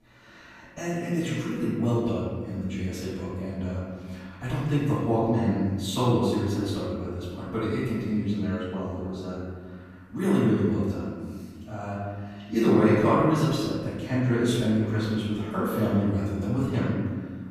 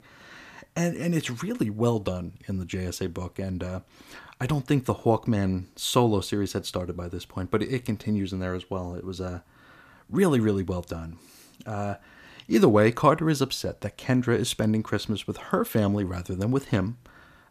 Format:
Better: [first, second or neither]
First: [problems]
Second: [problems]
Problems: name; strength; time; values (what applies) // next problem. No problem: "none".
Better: second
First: off-mic speech; far // room echo; strong; dies away in 1.6 s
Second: none